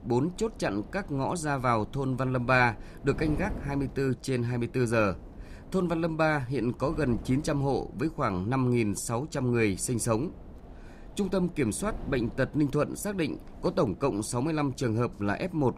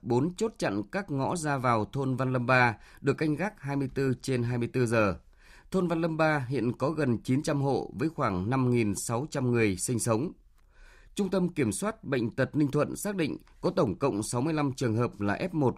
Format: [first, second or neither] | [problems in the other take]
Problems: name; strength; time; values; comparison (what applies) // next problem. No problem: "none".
second | wind noise on the microphone; occasional gusts; 20 dB below the speech